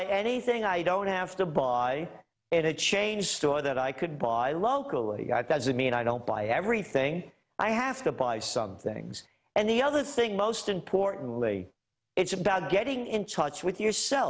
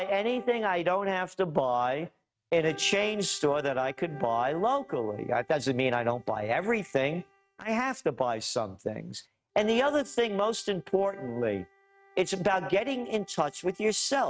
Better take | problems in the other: first | noise reduction (neural mask model RNNoise)

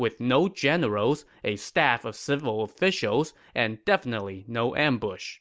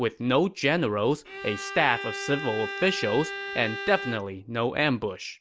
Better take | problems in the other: first | background sound (Bowed string instrument); 9 dB below the speech

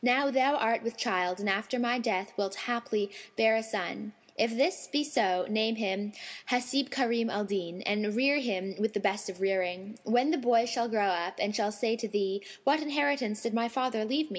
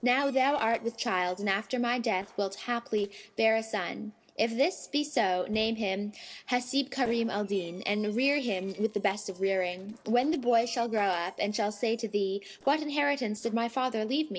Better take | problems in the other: first | noise reduction (neural separator model SepFormer DNS4)

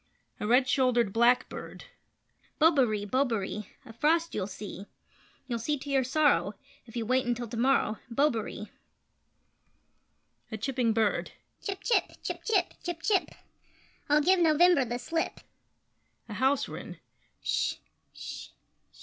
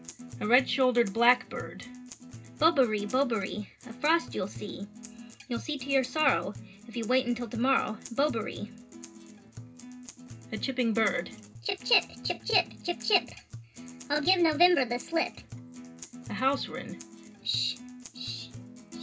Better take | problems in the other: first | background sound (Acoustic guitar); 15 dB below the speech // room echo; dies away in 0.2 s

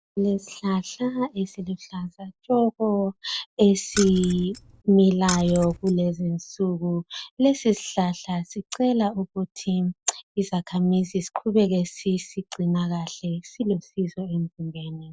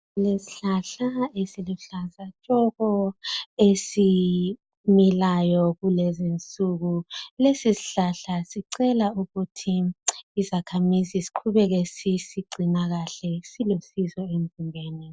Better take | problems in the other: second | background sound (Keys jangling); 10 dB below the speech

